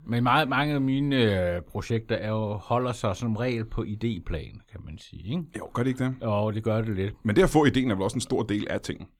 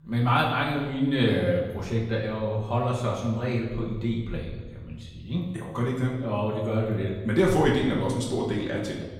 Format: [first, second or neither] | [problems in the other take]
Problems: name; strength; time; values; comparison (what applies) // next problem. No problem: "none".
first | room echo; noticeable; dies away in 1.1 s // off-mic speech; far